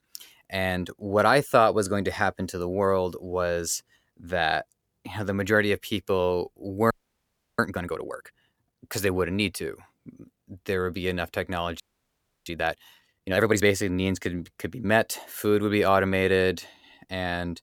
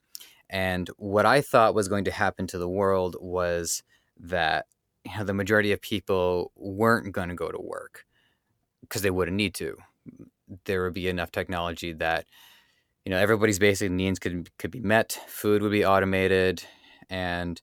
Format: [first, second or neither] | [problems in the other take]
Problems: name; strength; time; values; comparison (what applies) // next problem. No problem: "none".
second | audio freezing; at 7 s for 0.5 s and at 12 s for 0.5 s